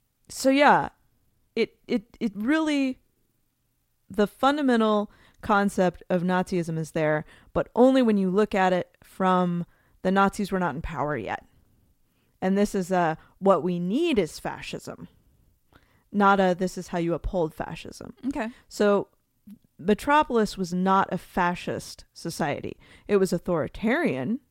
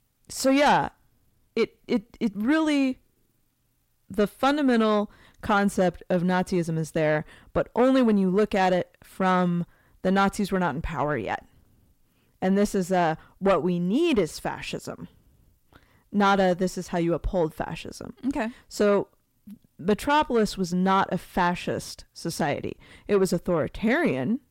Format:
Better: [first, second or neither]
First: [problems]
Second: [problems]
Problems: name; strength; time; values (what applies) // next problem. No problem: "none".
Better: first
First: none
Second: distortion; slight; 10 dB below the speech